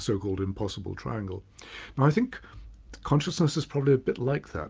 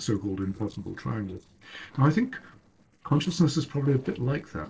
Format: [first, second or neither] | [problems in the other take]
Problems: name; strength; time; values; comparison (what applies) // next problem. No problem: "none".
first | noise reduction (neural separator model SepFormer DNS4)